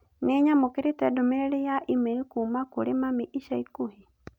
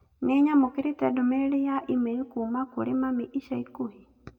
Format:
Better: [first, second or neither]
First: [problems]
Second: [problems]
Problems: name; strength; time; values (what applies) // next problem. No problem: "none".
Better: first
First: none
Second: room echo; dies away in 0.8 s